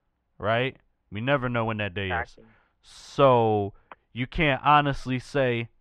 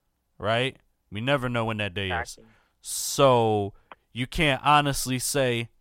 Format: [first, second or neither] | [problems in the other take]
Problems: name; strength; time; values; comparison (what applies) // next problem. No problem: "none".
second | muffled; very; fading above 2 kHz